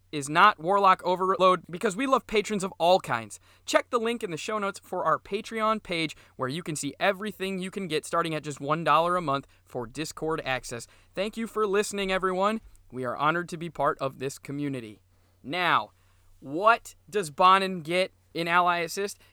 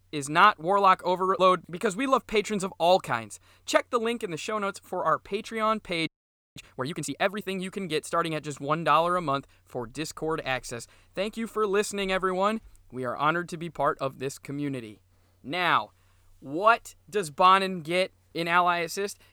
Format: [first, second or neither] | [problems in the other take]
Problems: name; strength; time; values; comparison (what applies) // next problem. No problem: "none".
first | audio freezing; at 6 s